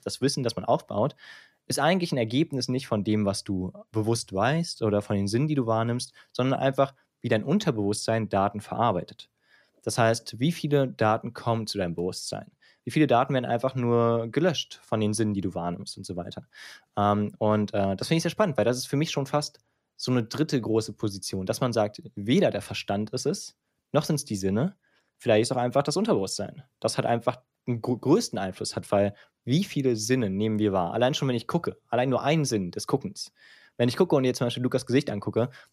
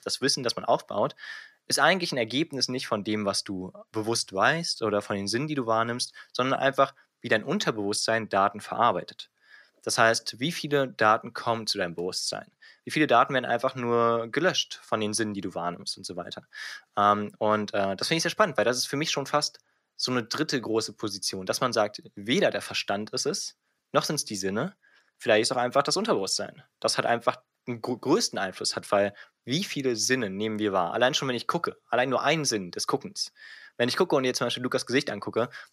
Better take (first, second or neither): first